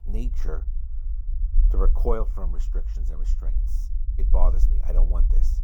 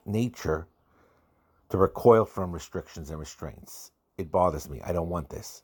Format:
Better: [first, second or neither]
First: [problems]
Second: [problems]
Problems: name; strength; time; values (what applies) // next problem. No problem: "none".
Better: second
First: low rumble; noticeable; throughout; 15 dB below the speech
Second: none